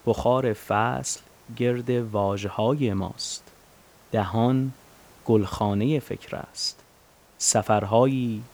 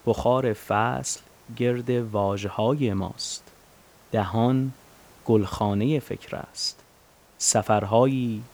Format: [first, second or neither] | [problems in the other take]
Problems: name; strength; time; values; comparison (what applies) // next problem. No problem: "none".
neither | hiss; faint; throughout; 30 dB below the speech; the same in both